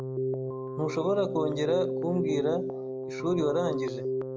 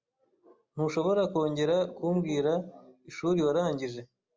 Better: second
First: background sound (Keyboard (musical)); 2 dB below the speech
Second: none

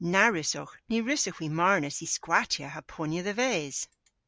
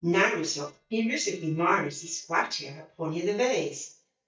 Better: first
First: none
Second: noise reduction (neural mask model DeepFilterNet 3)

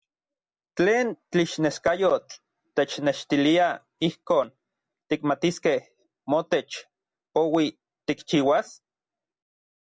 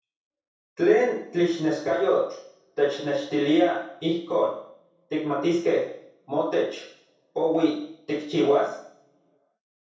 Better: first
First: none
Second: room echo; dies away in 0.6 s

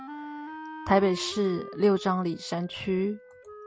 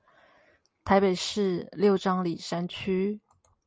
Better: second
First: background sound (Wind instrument, woodwind instrument); 14 dB below the speech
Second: none

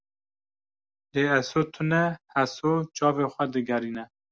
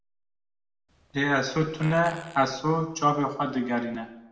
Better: first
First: none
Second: background sound (Fart); 19 dB below the speech // room echo; dies away in 0.7 s

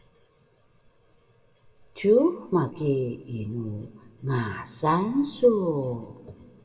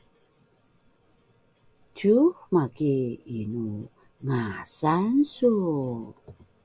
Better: second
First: room echo; dies away in 1.3 s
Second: none

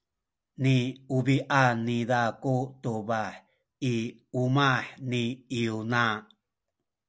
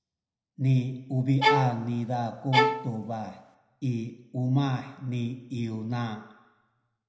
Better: first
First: none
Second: background sound (Bowed string instrument); 2 dB above the speech // room echo; dies away in 0.8 s

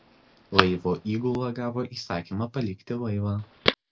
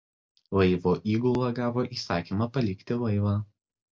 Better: second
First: background sound (Telephone); 3 dB below the speech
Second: none

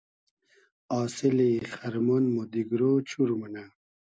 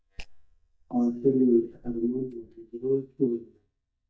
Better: first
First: none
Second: noise reduction (neural mask model DeepFilterNet 3)

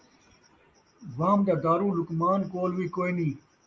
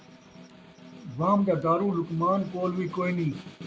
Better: first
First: none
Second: background sound (Snare drum); 17 dB below the speech

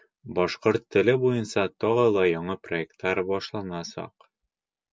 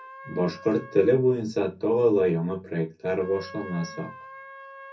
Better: first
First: none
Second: background sound (Trumpet); 19 dB below the speech // room echo; dies away in 0.3 s

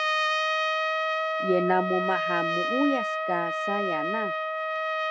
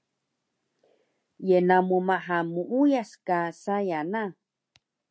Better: second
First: background sound (Trumpet); 3 dB above the speech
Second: none

